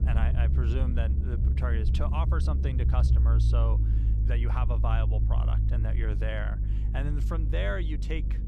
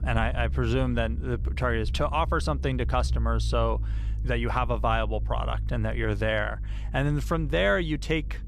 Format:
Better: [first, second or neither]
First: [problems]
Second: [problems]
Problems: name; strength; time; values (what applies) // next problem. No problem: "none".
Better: second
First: low rumble; loud; throughout; 6 dB below the speech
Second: low rumble; faint; throughout; 20 dB below the speech